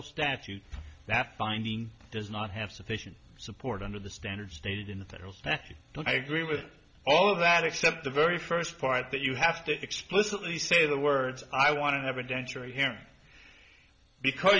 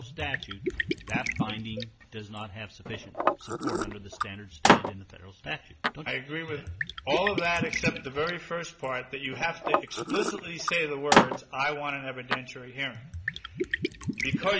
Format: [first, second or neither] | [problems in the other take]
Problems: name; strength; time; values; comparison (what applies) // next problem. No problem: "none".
first | background sound (Liquid); 2 dB above the speech